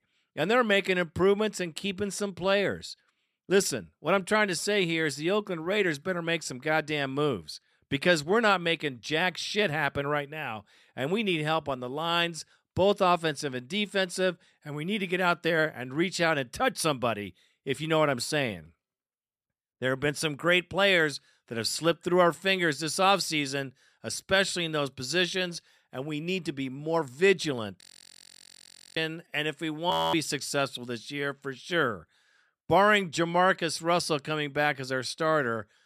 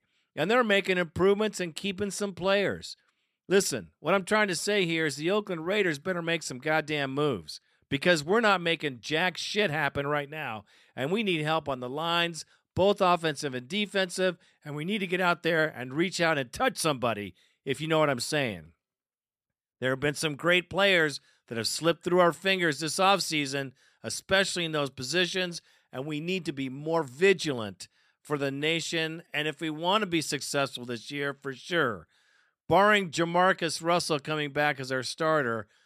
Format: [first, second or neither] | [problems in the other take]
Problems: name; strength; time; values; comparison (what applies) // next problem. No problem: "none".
second | audio freezing; at 28 s for 1 s and at 30 s